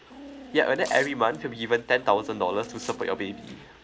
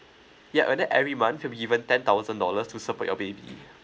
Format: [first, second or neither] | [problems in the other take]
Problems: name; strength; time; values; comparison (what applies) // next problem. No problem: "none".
second | background sound (Dog + Tearing); 17 dB below the speech